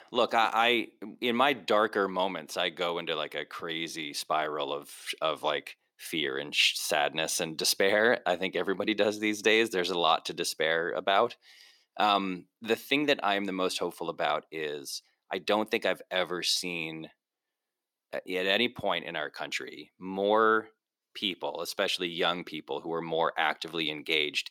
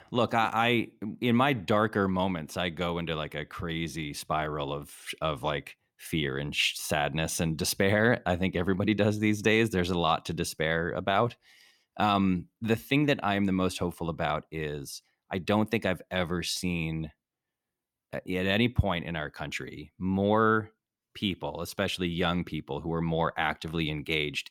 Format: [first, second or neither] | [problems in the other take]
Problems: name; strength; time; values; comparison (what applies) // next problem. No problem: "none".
second | thin; somewhat; fading below 400 Hz